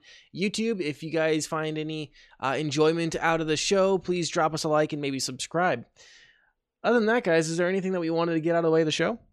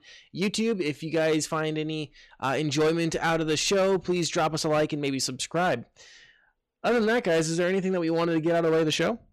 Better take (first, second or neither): first